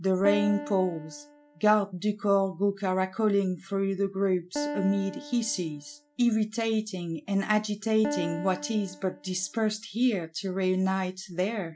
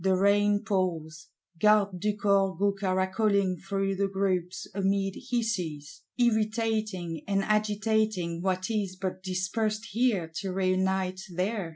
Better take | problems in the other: second | background sound (Piano); 12 dB below the speech

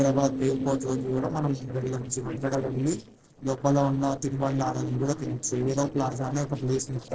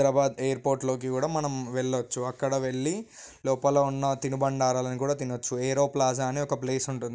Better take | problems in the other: second | noise reduction (neural separator model SepFormer DNS4)

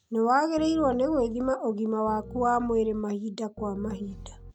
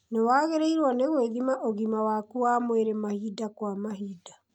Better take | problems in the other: second | background sound (Piano); 14 dB below the speech

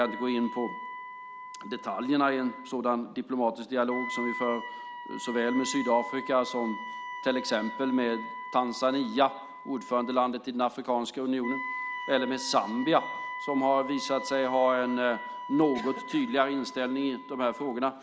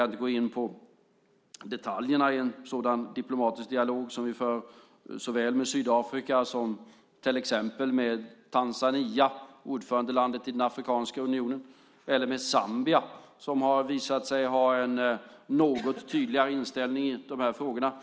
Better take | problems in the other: second | background sound (Wind instrument, woodwind instrument); 11 dB below the speech

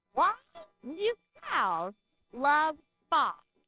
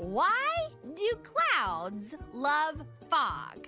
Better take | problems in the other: second | noise reduction (neural separator model SepFormer WHAMR!)

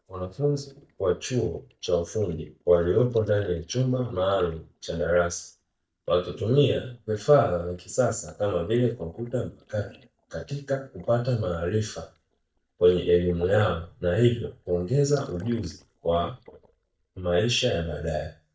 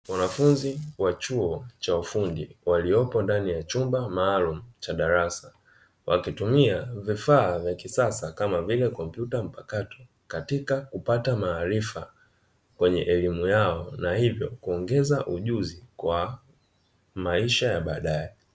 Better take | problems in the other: second | noise reduction (neural mask model DeepFilterNet 3)

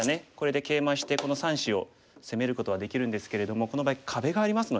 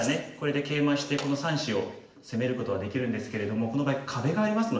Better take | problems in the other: first | room echo; dies away in 0.8 s

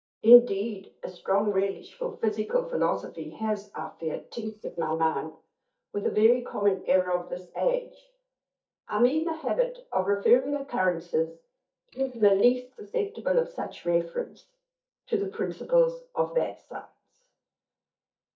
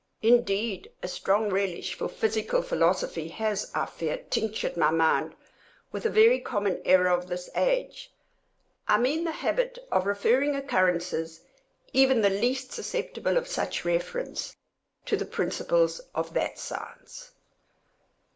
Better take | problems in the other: second | noise reduction (neural mask model DeepFilterNet 3)

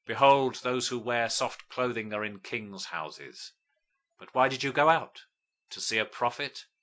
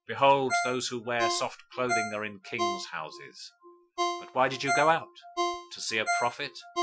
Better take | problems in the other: first | noise reduction (classical method Wiener filter)

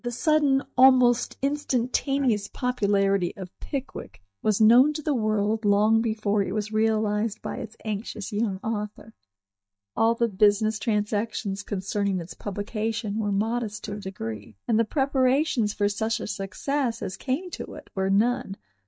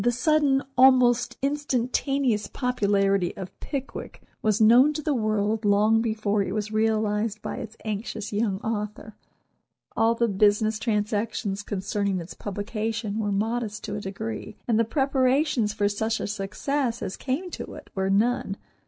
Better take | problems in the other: second | noise reduction (neural mask model DeepFilterNet 3)

